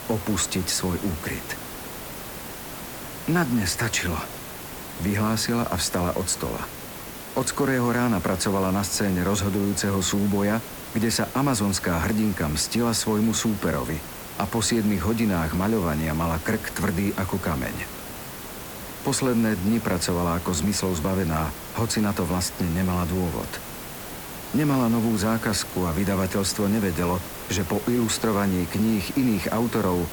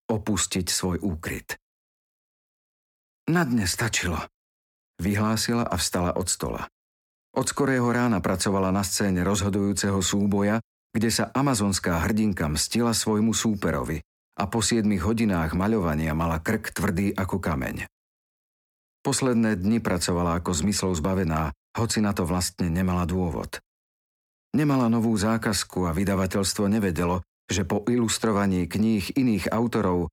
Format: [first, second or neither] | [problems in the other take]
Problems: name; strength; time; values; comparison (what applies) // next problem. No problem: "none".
second | hiss; noticeable; throughout; 10 dB below the speech